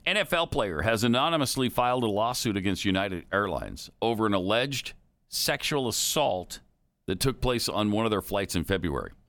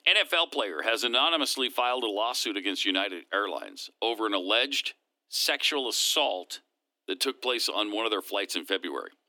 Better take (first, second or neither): first